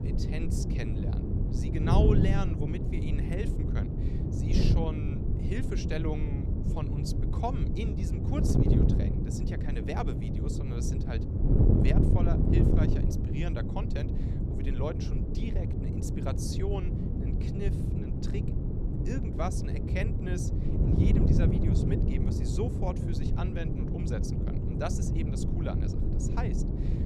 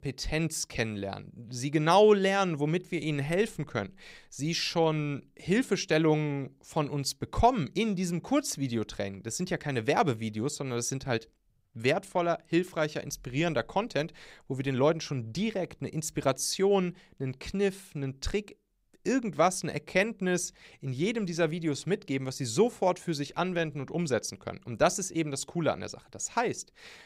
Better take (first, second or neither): second